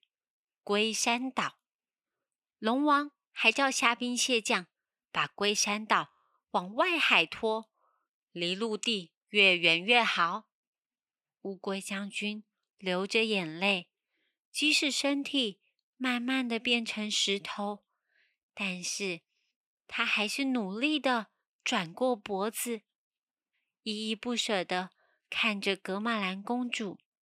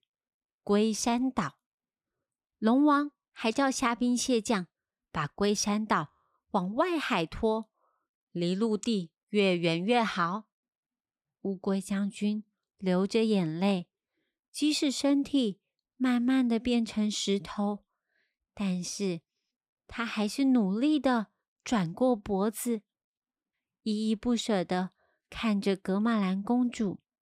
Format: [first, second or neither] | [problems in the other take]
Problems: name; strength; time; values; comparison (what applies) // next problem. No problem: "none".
second | thin; very slightly; fading below 1 kHz